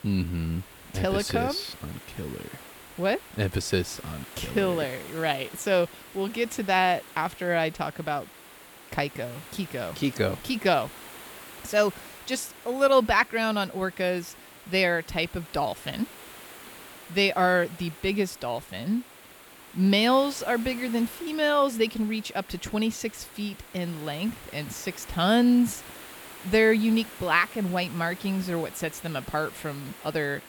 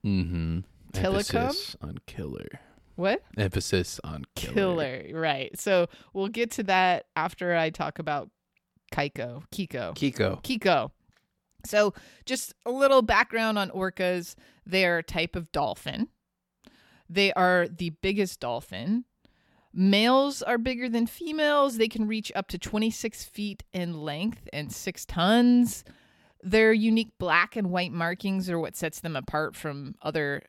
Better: second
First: hiss; noticeable; throughout; 15 dB below the speech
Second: none

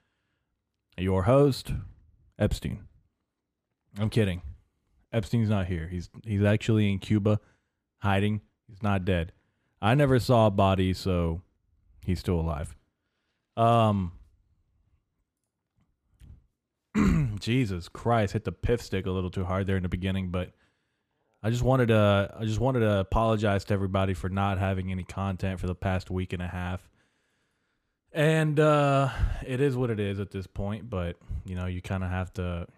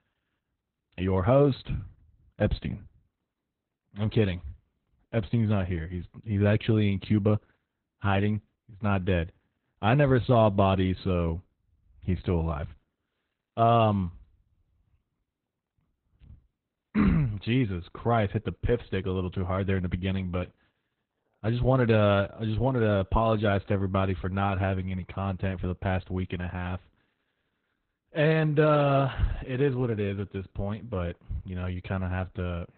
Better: first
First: none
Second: garbled, watery; badly; nothing above 4 kHz

